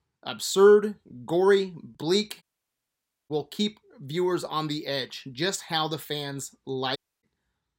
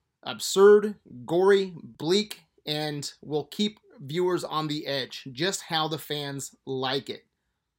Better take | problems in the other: second | audio cutting out; at 2.5 s for 1 s and at 7 s

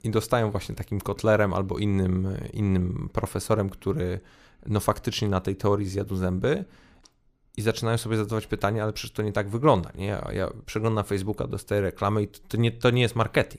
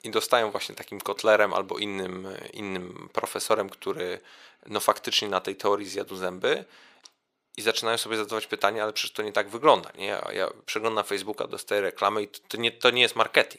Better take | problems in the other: first | thin; very; fading below 500 Hz

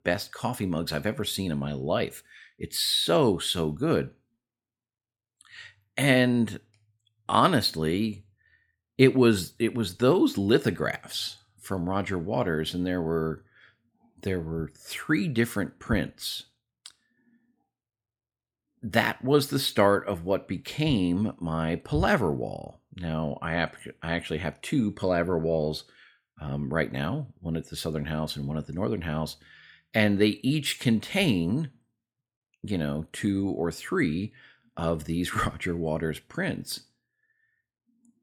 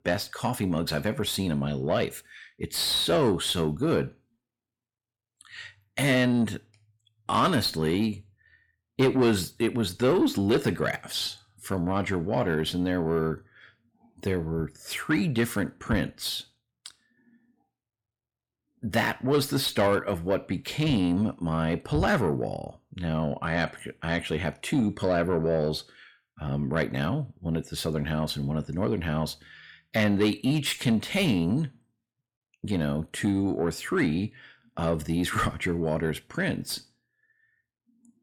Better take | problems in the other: first | distortion; slight; 10 dB below the speech

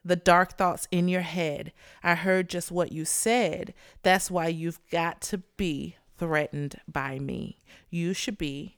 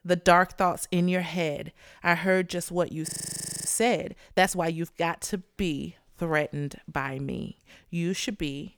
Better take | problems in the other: first | audio freezing; at 3 s for 0.5 s

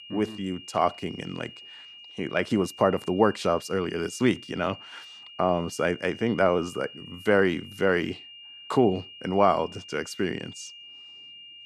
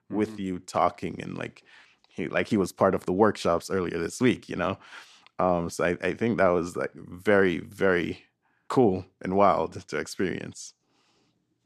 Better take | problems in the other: second | high-pitched whine; noticeable; throughout; 3 kHz, 15 dB below the speech

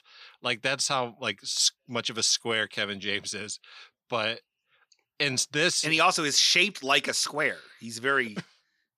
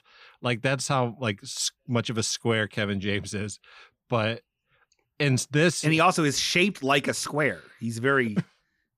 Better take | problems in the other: second | thin; somewhat; fading below 550 Hz

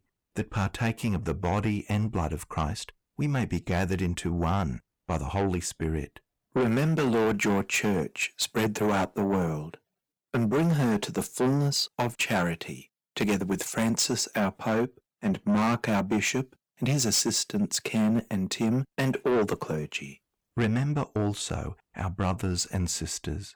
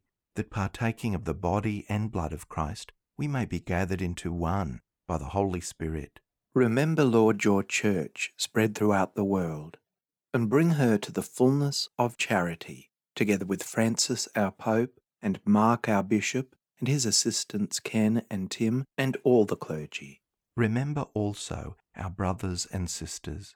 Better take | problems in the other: second | distortion; heavy; 7 dB below the speech

